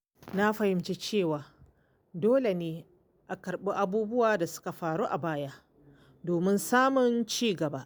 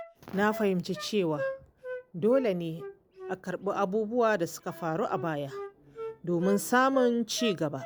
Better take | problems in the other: first | background sound (Wind instrument, woodwind instrument); 12 dB below the speech

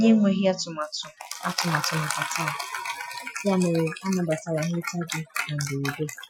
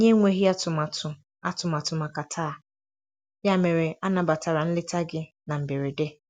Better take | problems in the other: second | noise reduction (classical method Wiener filter)

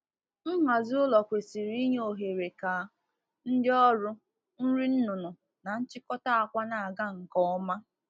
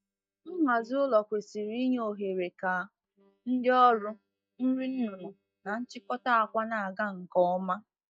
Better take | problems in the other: first | noise reduction (neural mask model DeepFilterNet 3)

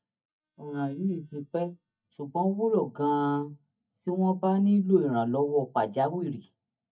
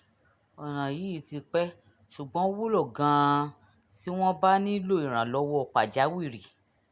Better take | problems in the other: second | noise reduction (neural mask model DeepFilterNet 3)

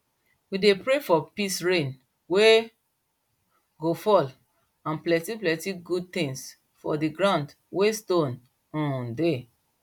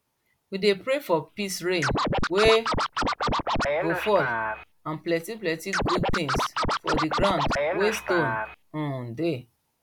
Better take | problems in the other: first | background sound (Scratching (performance technique)); 1 dB above the speech

